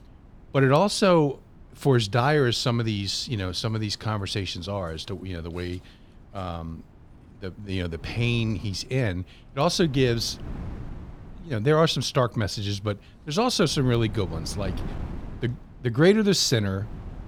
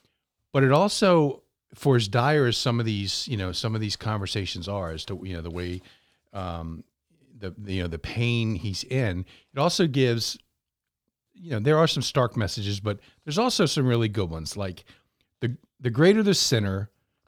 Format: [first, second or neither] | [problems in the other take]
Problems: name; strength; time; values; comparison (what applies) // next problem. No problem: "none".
second | wind noise on the microphone; occasional gusts; 25 dB below the speech